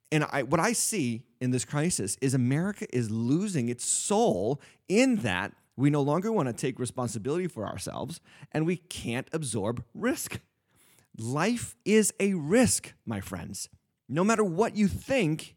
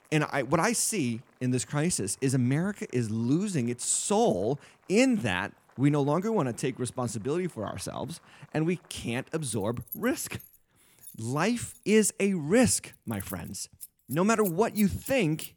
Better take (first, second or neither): first